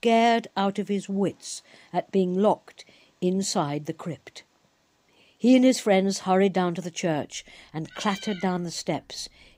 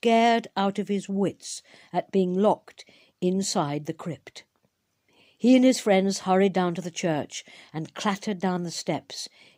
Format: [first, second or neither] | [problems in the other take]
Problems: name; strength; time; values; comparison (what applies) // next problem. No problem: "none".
second | animal sounds; noticeable; throughout; 15 dB below the speech